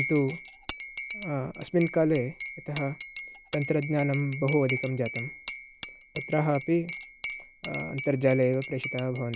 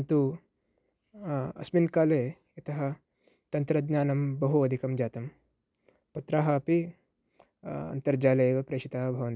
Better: second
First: background sound (Cutlery, silverware / Dishes, pots, and pans / Chink, clink); 10 dB below the speech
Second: none

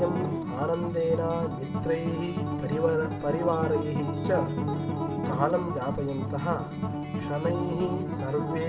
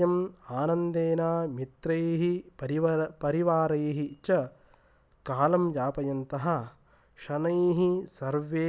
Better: second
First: background sound (Acoustic guitar); 1 dB below the speech // room echo; dies away in 2.4 s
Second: none

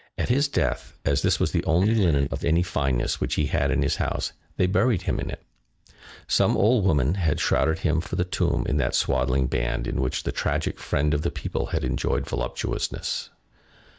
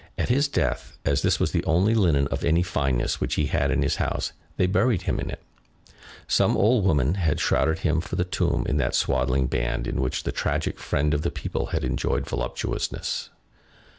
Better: second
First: noise reduction (neural mask model DeepFilterNet 3)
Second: none

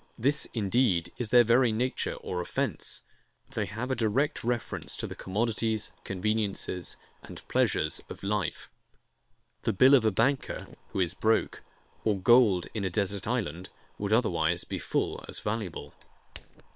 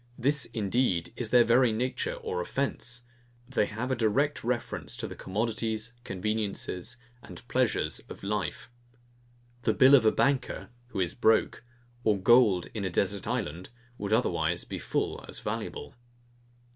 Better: second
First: noise reduction (neural separator model SepFormer WHAM!)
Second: none

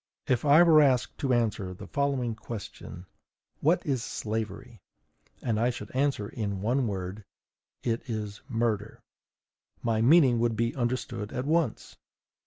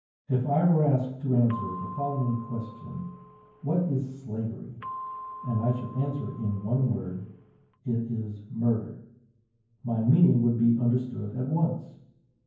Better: first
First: none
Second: background sound (Percussion); 15 dB below the speech // room echo; dies away in 0.9 s

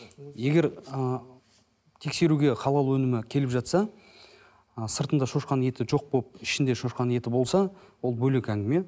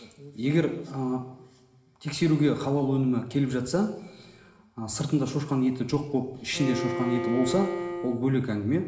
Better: first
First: none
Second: background sound (Bowed string instrument); 6 dB below the speech // room echo; dies away in 1.7 s

